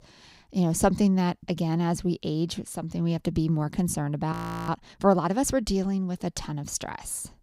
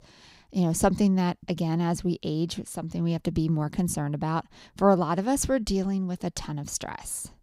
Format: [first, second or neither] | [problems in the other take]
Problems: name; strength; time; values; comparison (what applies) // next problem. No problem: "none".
second | audio freezing; at 4.5 s